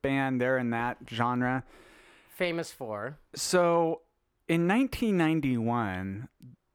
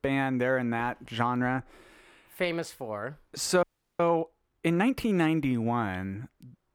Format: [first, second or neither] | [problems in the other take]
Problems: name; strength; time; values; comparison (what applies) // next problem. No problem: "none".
first | audio freezing; at 3.5 s